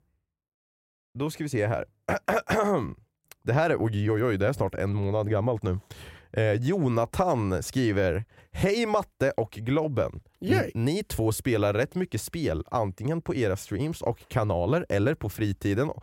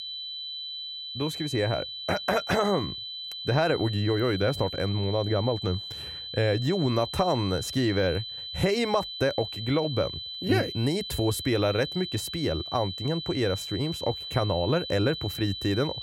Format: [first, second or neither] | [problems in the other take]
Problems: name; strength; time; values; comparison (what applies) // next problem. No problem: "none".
first | high-pitched whine; loud; throughout; 4 kHz, 7 dB below the speech